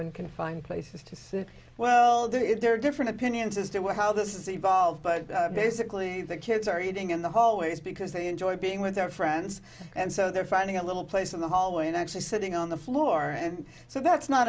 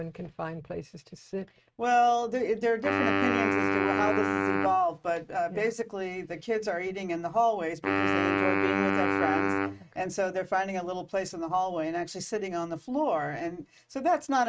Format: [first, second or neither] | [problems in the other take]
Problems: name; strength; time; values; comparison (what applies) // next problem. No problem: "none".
first | noise reduction (neural mask model RNNoise)